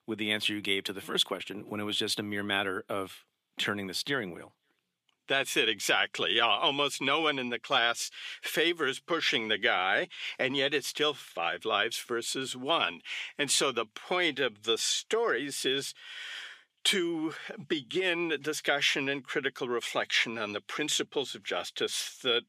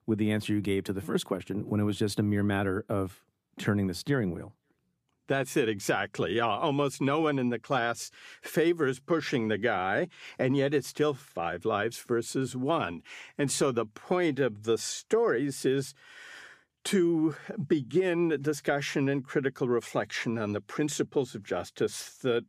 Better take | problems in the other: second | thin; somewhat; fading below 850 Hz

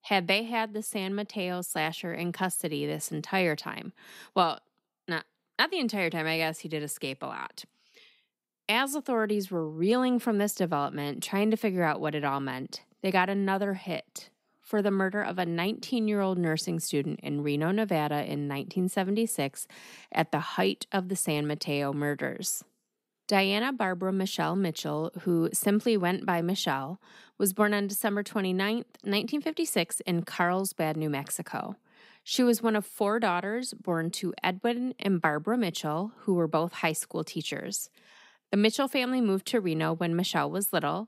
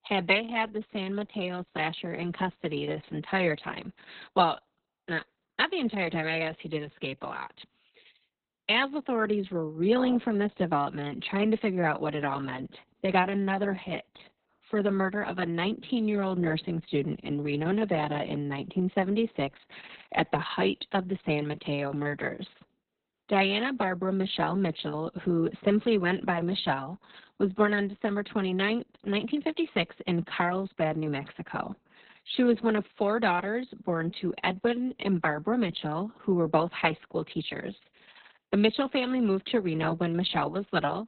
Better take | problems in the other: first | garbled, watery; badly; nothing above 4 kHz

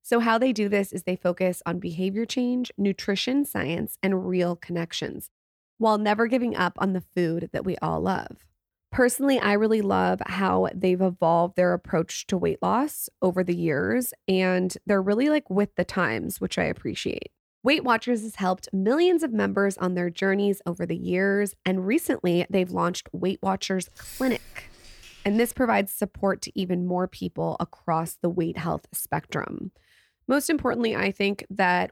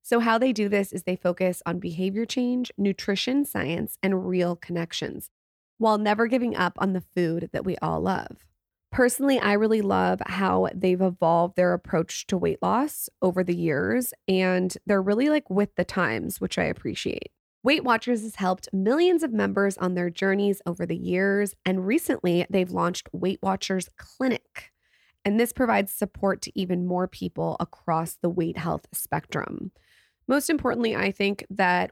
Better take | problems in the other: second | jangling keys; faint; from 24 to 26 s; peak 15 dB below the speech

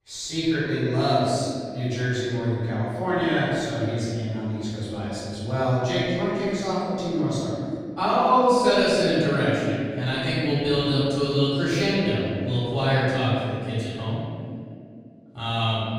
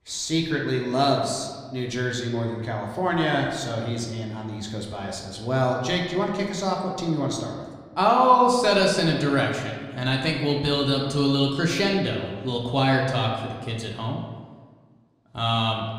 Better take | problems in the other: second | room echo; strong; dies away in 2.7 s; slight in the second // off-mic speech; far; somewhat distant in the second

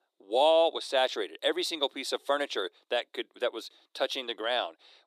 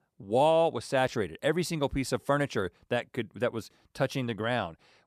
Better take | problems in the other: second | thin; very; fading below 300 Hz

